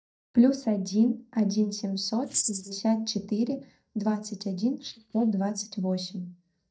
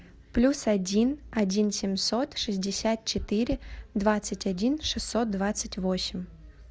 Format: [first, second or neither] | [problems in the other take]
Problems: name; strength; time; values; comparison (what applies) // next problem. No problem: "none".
second | noise reduction (neural mask model DeepFilterNet 3)